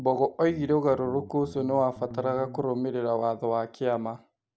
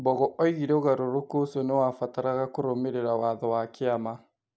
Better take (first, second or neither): second